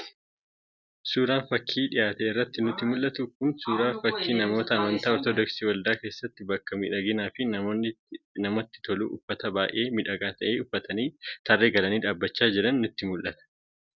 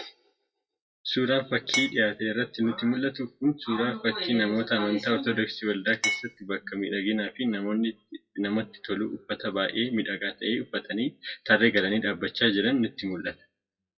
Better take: first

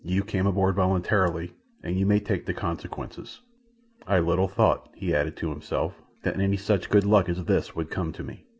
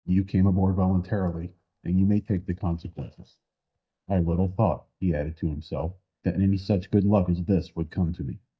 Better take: first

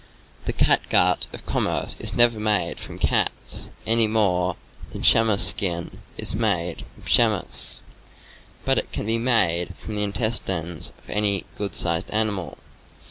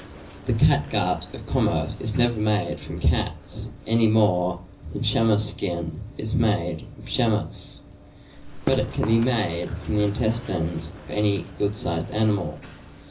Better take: first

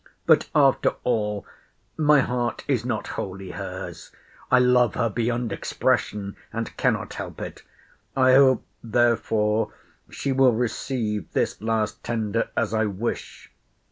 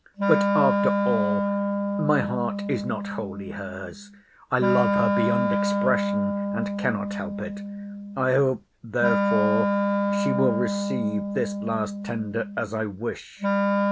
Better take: first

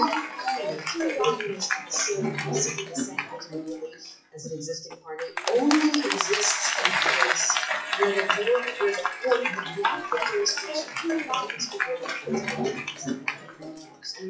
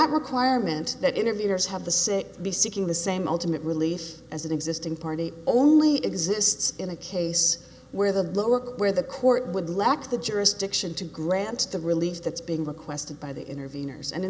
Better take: second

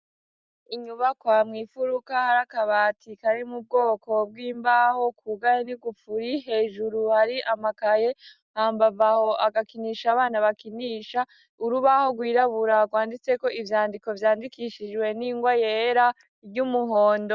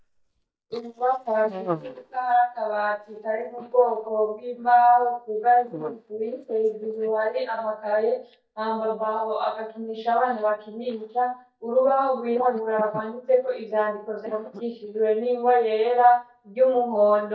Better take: first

